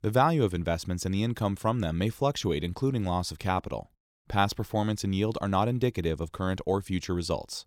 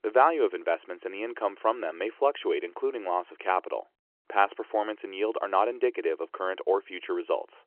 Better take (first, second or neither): first